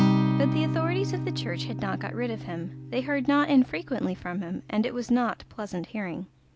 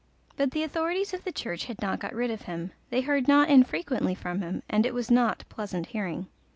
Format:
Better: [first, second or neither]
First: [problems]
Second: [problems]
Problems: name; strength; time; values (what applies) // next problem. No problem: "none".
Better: second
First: background sound (Acoustic guitar); 2 dB below the speech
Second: none